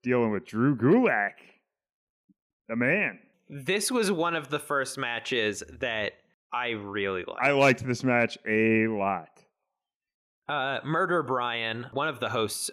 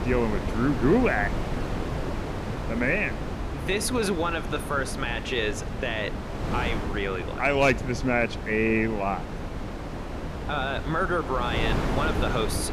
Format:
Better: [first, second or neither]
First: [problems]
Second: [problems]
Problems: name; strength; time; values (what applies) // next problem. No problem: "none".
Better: first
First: none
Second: wind noise on the microphone; heavy; 8 dB below the speech